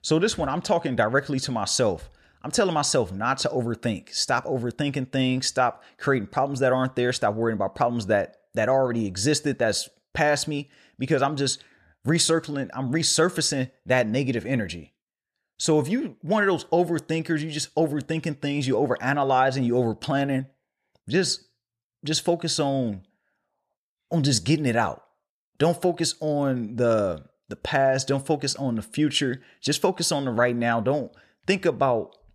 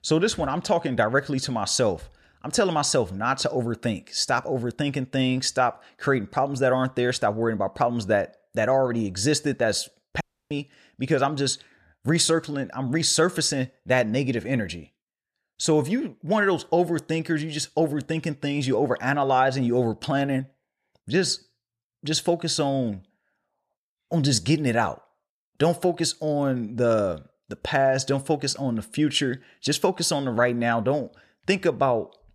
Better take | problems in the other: first | audio cutting out; at 10 s

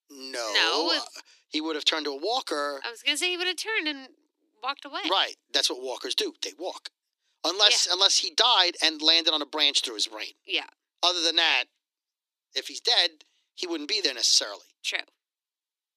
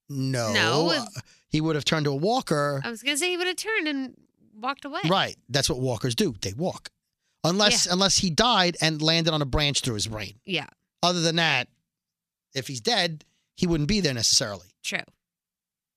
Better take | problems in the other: second | thin; very; fading below 300 Hz

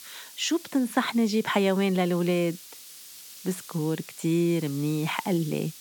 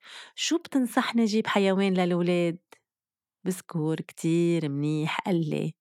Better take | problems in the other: second | hiss; noticeable; throughout; 15 dB below the speech

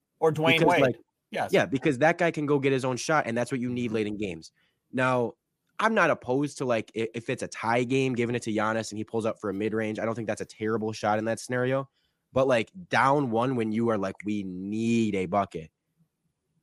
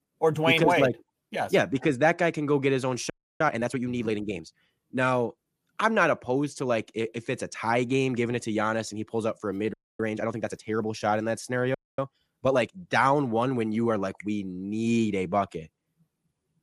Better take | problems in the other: first | audio freezing; at 3 s, at 9.5 s and at 12 s

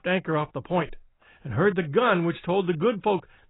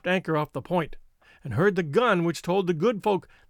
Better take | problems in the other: second | garbled, watery; badly; nothing above 3.5 kHz

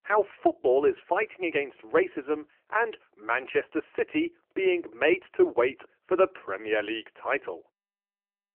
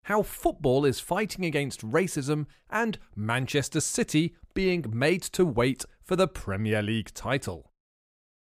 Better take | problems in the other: second | phone-call audio; poor line; nothing above 3 kHz

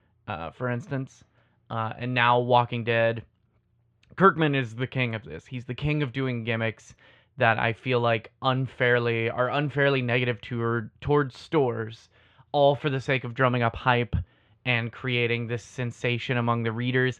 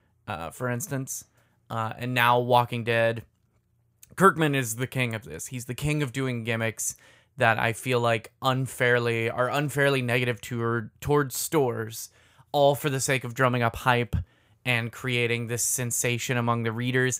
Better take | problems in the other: second | muffled; very; fading above 3.5 kHz

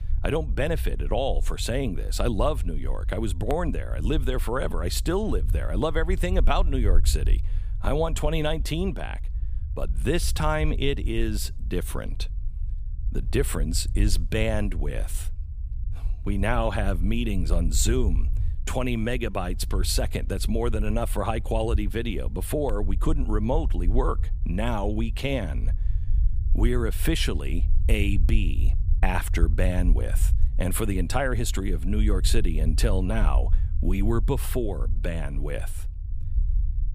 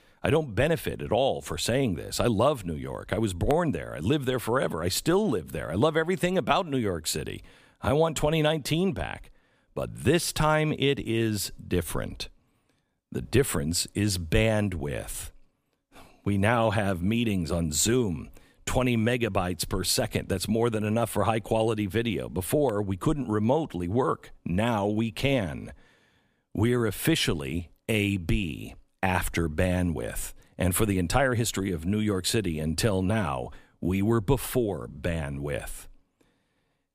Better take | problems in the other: second | low rumble; noticeable; throughout; 20 dB below the speech

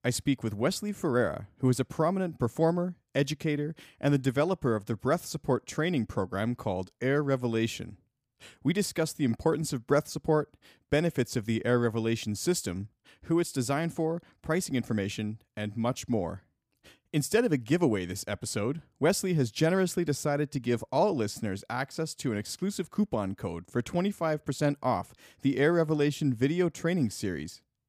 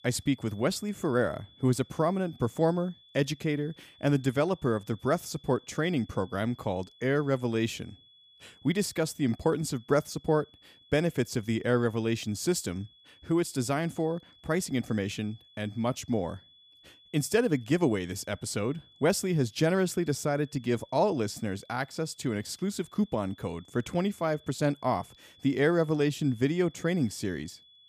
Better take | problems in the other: first | high-pitched whine; faint; throughout; 3.5 kHz, 25 dB below the speech

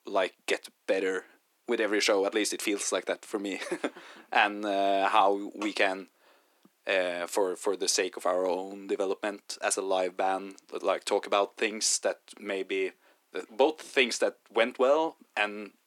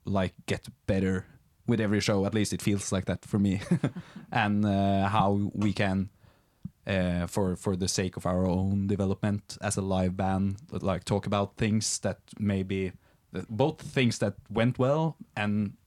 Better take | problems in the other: second | thin; very; fading below 300 Hz

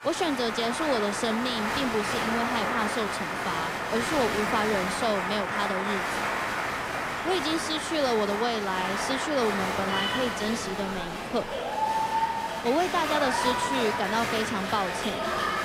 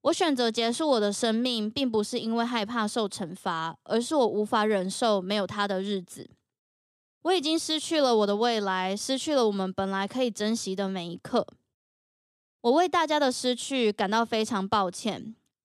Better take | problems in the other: second | crowd noise; very loud; throughout; as loud as the speech

